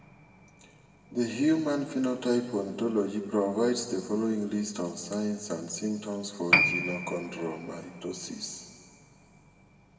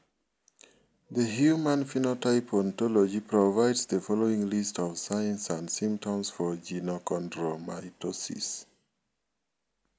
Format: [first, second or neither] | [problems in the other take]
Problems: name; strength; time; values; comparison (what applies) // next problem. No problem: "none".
second | background sound (Piano); 5 dB below the speech // room echo; dies away in 1.6 s